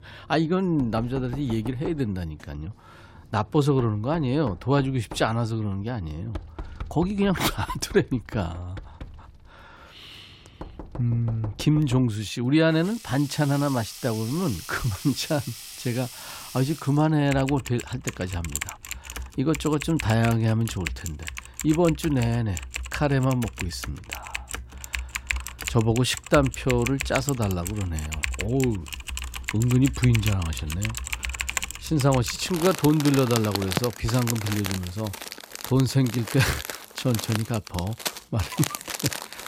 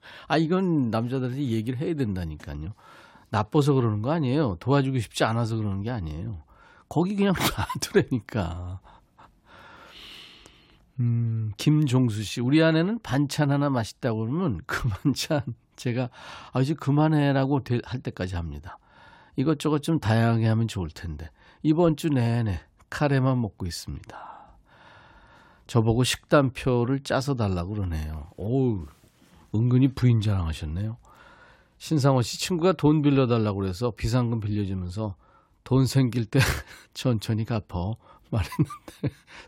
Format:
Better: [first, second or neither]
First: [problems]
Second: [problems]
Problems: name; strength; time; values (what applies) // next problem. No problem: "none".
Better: second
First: household noises; loud; throughout; 9 dB below the speech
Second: none